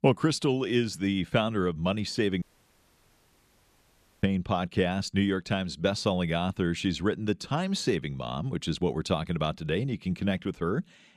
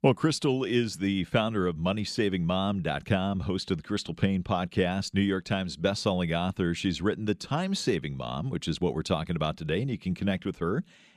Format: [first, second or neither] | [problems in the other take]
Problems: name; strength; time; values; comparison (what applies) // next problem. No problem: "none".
second | audio cutting out; at 2.5 s for 2 s